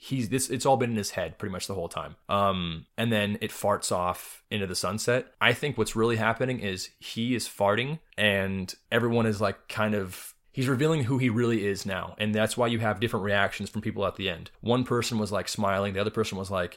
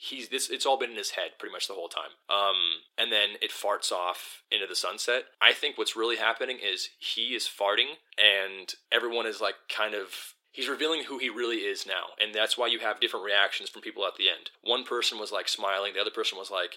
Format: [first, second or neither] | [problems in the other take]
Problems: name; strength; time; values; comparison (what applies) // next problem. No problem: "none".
first | thin; very; fading below 300 Hz